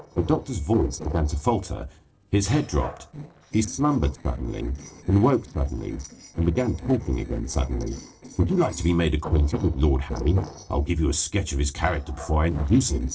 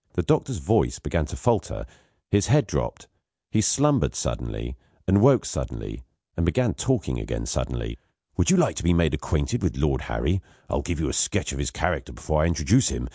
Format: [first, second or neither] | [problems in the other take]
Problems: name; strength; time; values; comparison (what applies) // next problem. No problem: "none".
second | noise reduction (neural separator model SepFormer DNS4)